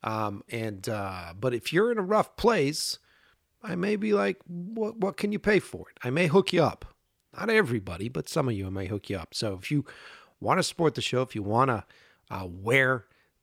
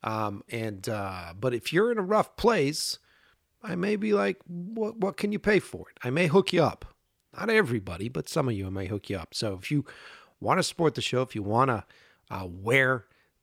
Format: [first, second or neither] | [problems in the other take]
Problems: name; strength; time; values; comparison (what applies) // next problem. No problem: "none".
neither | none